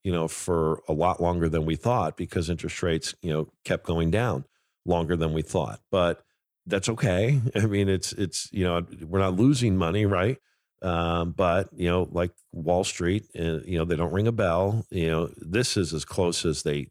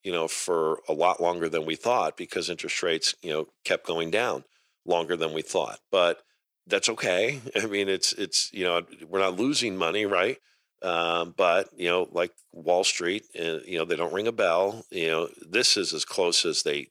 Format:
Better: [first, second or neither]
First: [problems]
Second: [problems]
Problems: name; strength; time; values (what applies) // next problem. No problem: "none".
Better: first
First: none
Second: thin; somewhat; fading below 450 Hz